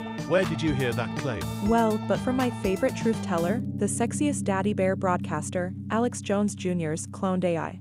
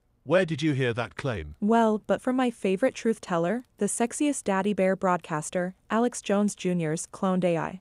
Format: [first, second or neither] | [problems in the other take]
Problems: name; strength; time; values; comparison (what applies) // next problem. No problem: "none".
second | background music; loud; throughout; 7 dB below the speech